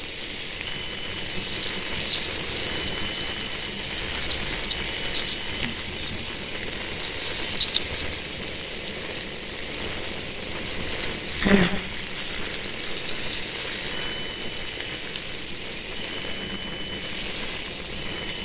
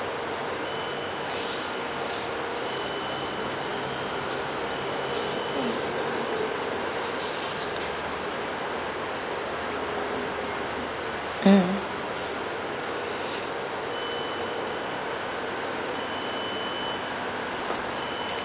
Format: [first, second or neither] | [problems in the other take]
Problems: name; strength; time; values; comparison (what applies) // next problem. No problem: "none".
second | noise reduction (neural separator model SepFormer WHAMR!)